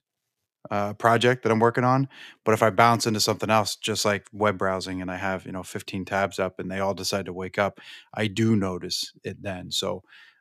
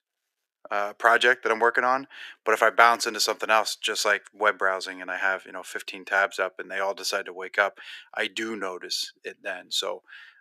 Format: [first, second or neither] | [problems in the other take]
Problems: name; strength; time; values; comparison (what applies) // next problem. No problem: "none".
first | thin; very; fading below 400 Hz